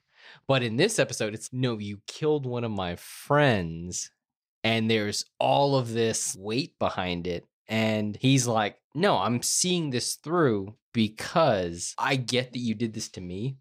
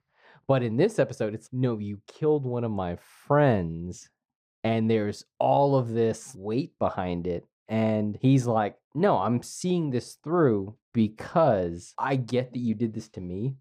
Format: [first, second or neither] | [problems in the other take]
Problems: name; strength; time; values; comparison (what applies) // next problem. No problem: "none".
first | muffled; slightly; fading above 2 kHz